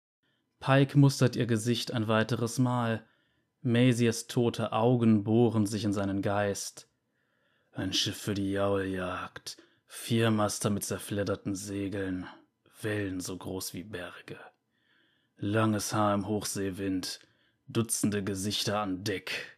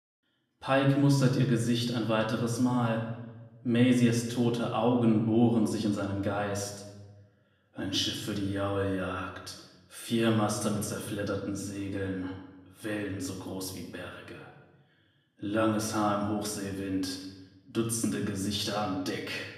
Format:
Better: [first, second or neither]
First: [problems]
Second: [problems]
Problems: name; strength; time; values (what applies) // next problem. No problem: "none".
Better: first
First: none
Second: room echo; slight; dies away in 0.9 s // off-mic speech; far